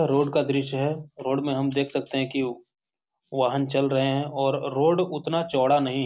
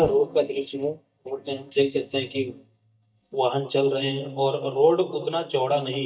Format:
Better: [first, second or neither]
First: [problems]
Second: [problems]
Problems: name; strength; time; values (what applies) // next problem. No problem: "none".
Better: first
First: none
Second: noise reduction (neural mask model DeepFilterNet 3)